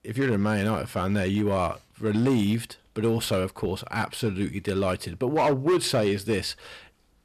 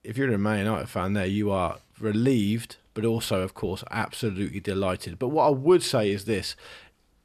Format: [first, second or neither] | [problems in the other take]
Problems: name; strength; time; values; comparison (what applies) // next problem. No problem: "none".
second | distortion; slight; 5% of the sound clipped